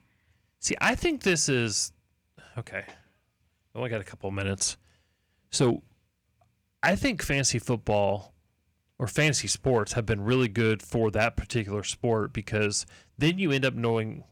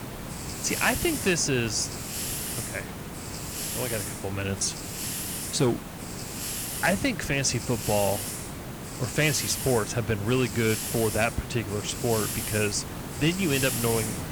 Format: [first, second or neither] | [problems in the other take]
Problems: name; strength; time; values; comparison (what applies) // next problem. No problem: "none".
first | hiss; loud; throughout; 5 dB below the speech